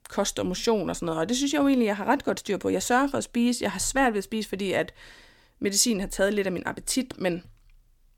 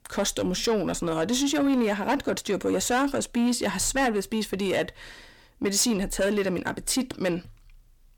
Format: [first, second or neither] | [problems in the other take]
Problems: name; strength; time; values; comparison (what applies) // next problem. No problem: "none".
first | distortion; slight; 10 dB below the speech